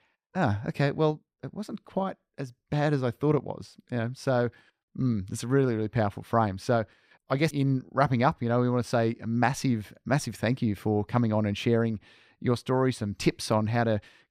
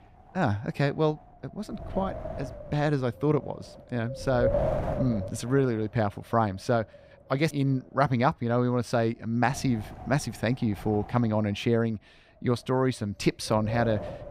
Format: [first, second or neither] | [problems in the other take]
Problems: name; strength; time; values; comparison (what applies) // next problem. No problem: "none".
first | wind noise on the microphone; heavy; 6 dB below the speech